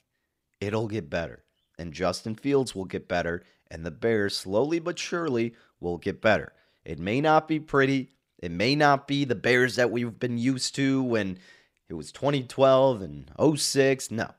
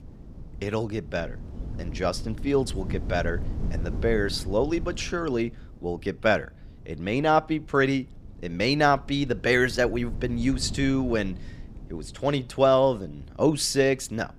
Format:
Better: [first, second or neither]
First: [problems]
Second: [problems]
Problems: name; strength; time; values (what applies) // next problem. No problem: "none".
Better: first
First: none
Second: wind noise on the microphone; occasional gusts; 25 dB below the speech